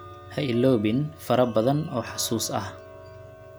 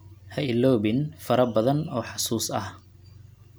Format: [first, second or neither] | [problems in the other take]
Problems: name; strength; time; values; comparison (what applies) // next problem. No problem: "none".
second | background sound (Tick-tock); 19 dB below the speech